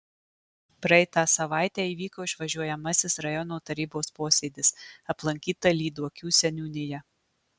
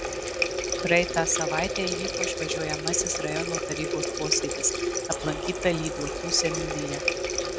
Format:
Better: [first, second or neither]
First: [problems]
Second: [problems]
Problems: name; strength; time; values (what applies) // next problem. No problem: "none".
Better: first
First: none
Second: background sound (Water tap, faucet); as loud as the speech